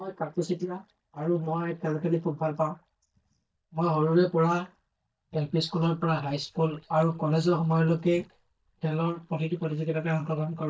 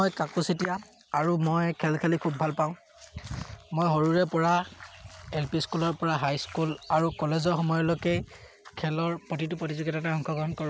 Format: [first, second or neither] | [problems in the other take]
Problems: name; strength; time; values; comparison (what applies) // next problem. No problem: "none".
second | noise reduction (neural mask model DeepFilterNet 3)